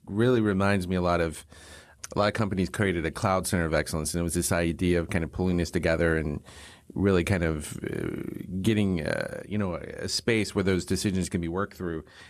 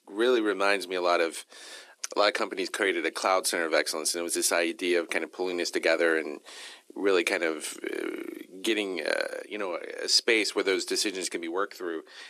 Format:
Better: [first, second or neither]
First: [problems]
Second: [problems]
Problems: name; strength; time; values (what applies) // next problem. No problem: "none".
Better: first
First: none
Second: thin; very; fading below 300 Hz